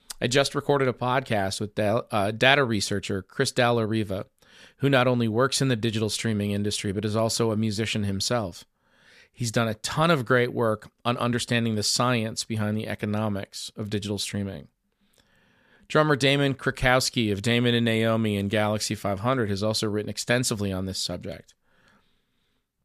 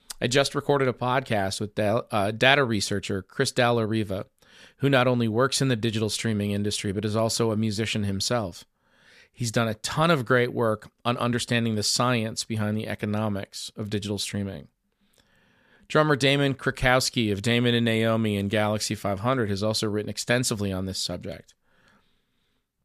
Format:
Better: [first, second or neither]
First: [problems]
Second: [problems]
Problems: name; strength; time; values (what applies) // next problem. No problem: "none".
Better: neither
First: none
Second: none